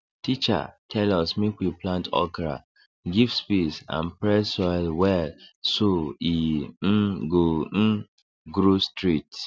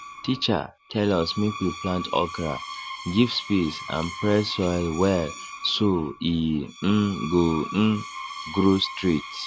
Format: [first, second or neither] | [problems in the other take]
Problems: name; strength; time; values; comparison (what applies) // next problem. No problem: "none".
first | background sound (Screech); 13 dB below the speech